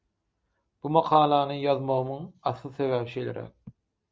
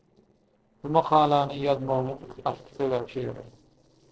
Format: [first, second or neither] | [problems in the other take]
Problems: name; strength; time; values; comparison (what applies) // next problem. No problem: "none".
first | noise reduction (neural separator model SepFormer DNS4)